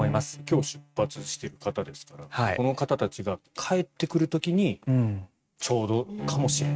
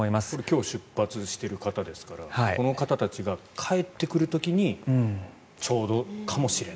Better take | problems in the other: second | noise reduction (neural mask model RNNoise)

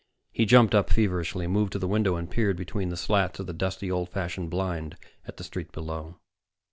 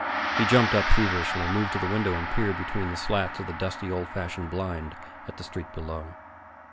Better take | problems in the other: first | background sound (Gong); 5 dB below the speech

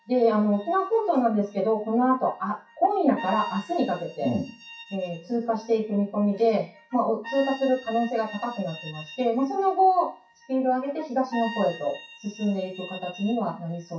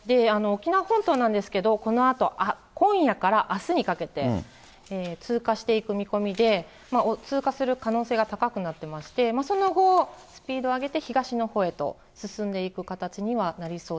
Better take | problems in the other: second | noise reduction (classical method WPE with log-MMSE)

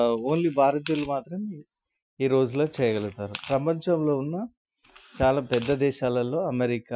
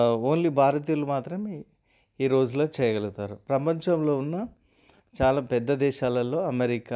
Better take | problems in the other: second | noise reduction (classical method Wiener filter)

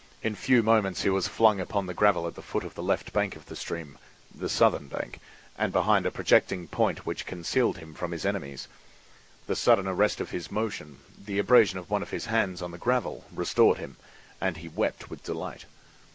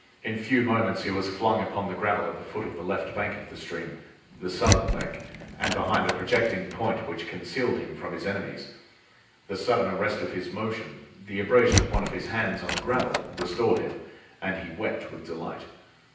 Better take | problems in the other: first | background sound (Door); 2 dB below the speech // room echo; dies away in 0.9 s

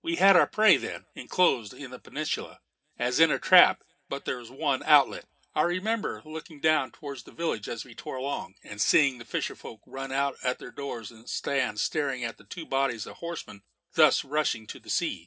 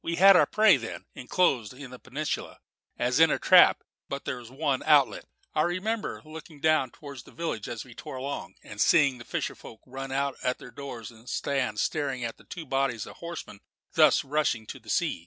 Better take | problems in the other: second | room echo; dies away in 0.3 s

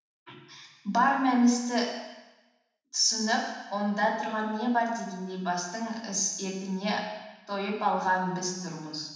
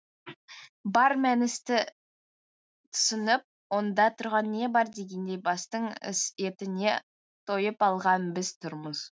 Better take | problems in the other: second | room echo; dies away in 1.1 s

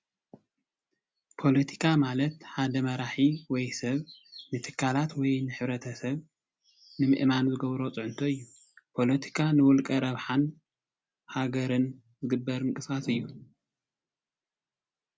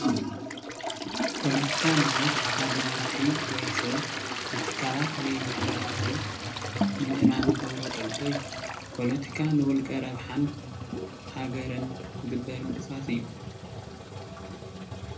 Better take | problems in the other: first | background sound (Toilet flush); 1 dB above the speech // room echo; dies away in 0.3 s

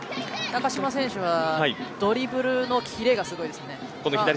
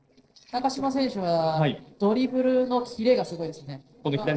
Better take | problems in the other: first | noise reduction (neural separator model SepFormer DNS4)

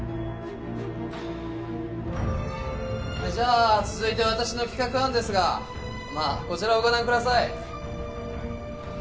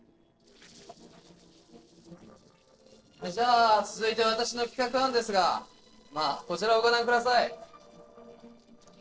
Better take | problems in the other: first | noise reduction (neural separator model SepFormer DNS4)

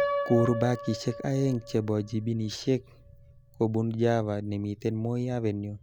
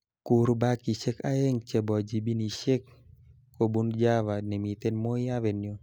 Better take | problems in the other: second | background sound (Piano); 9 dB below the speech

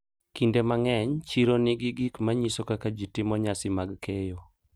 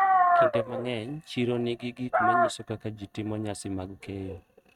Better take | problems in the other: first | noise reduction (neural mask model RNNoise)

